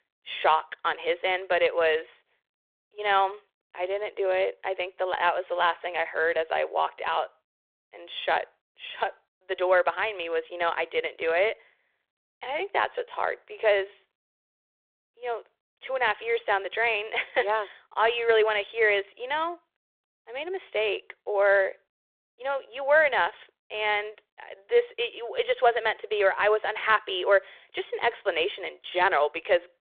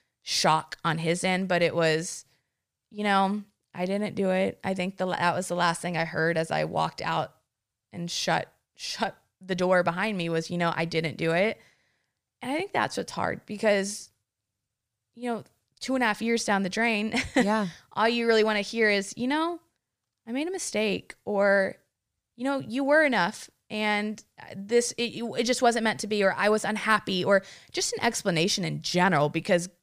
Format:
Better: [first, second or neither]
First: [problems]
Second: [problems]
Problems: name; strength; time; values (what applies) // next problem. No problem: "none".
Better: second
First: phone-call audio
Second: none